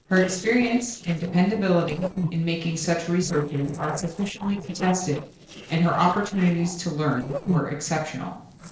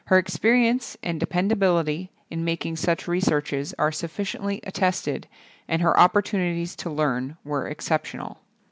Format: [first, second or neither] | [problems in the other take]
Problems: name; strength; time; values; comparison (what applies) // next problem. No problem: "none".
second | noise reduction (neural separator model SepFormer DNS4)